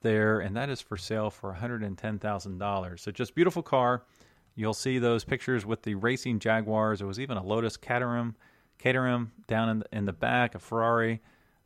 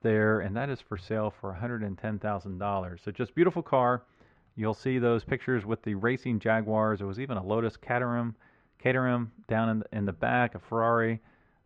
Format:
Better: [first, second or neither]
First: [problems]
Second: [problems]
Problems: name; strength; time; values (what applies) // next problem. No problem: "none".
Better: first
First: none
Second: muffled; slightly; fading above 2 kHz